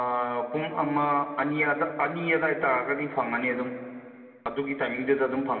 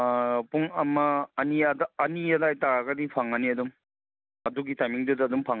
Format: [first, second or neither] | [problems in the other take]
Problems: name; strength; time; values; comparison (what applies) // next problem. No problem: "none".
second | room echo; dies away in 2.6 s